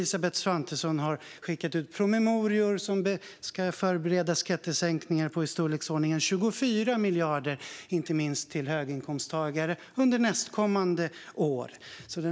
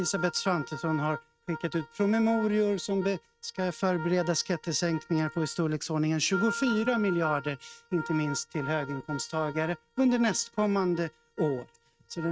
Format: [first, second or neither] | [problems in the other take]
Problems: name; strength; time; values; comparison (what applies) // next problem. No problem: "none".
first | noise reduction (neural mask model RNNoise)